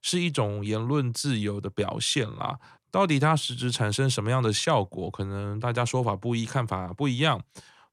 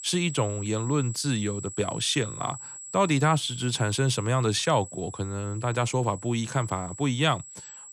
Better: first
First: none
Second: high-pitched whine; noticeable; throughout; 8 kHz, 10 dB below the speech

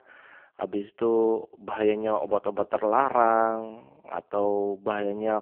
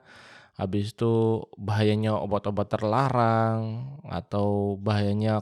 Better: second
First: phone-call audio; poor line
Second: none

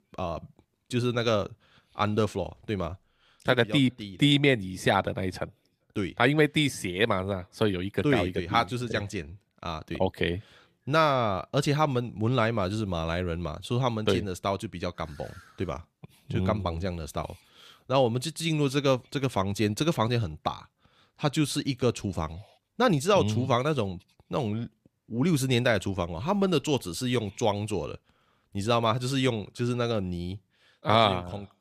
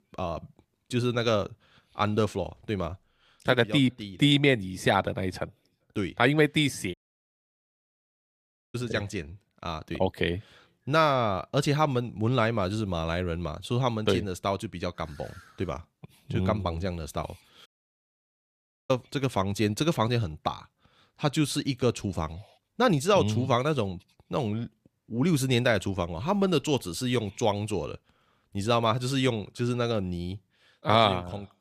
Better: first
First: none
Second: audio cutting out; at 7 s for 2 s and at 18 s for 1 s

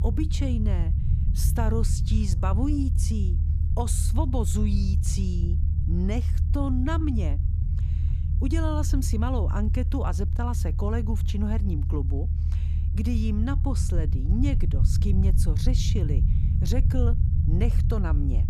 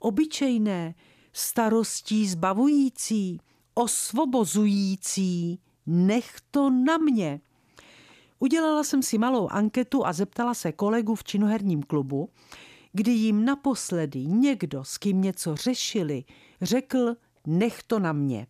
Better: second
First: low rumble; loud; throughout; 7 dB below the speech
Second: none

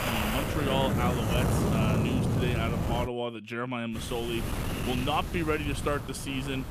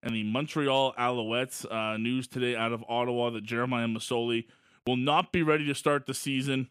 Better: second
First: wind noise on the microphone; heavy; until 3 s and from 4 s on; 2 dB below the speech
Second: none

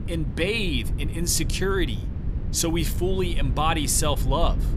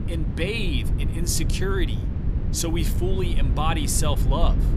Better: first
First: wind noise on the microphone; occasional gusts; 15 dB below the speech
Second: wind noise on the microphone; heavy; 10 dB below the speech

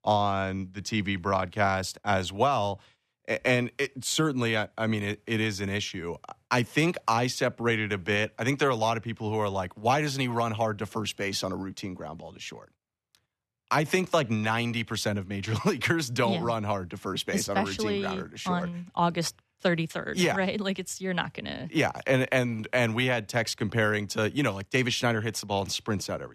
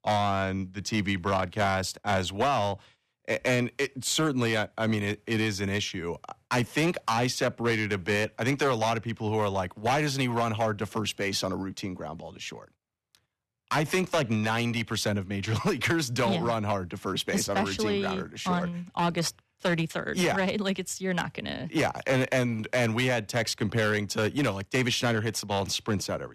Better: first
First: none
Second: distortion; slight; 6% of the sound clipped

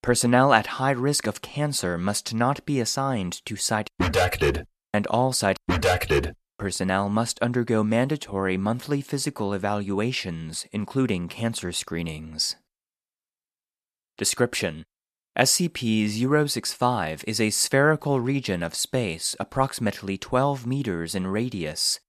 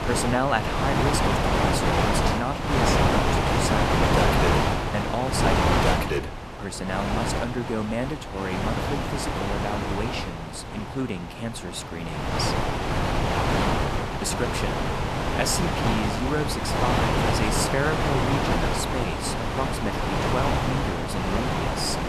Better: first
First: none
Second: wind noise on the microphone; heavy; 5 dB above the speech

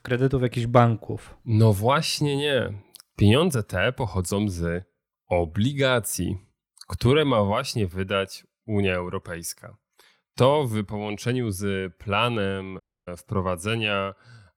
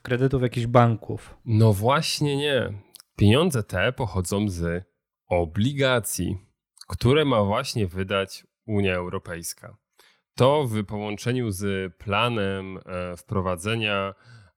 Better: second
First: audio cutting out; at 13 s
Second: none

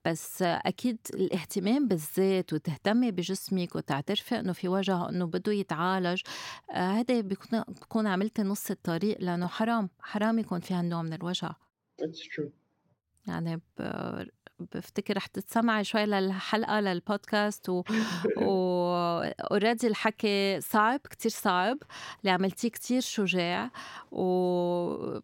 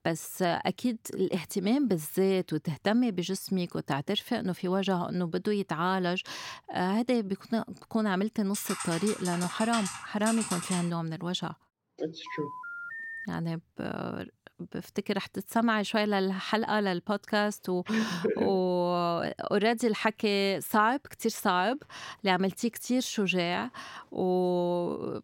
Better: first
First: none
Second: keyboard typing; noticeable; from 8.5 to 11 s; peak 4 dB below the speech // phone ringing; noticeable; from 12 to 13 s; peak 8 dB below the speech

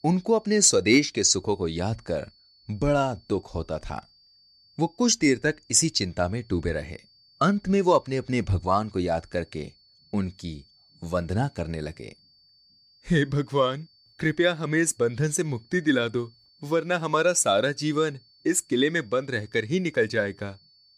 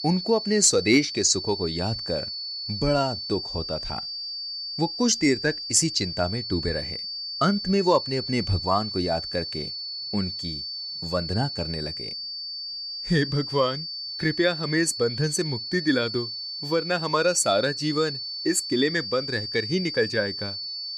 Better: first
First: high-pitched whine; faint; throughout; 4.5 kHz, 30 dB below the speech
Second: high-pitched whine; loud; throughout; 4.5 kHz, 6 dB below the speech

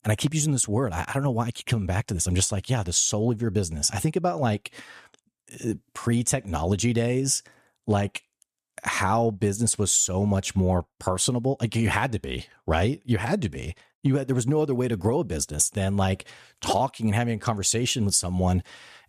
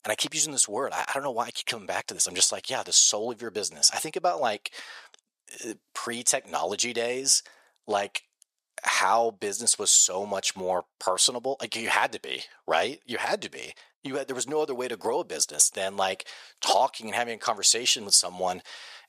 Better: first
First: none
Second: thin; very; fading below 600 Hz

